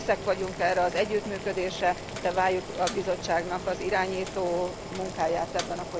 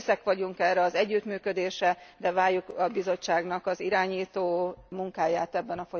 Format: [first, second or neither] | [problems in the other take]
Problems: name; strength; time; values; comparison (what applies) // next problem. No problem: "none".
second | background sound (Boiling); 9 dB below the speech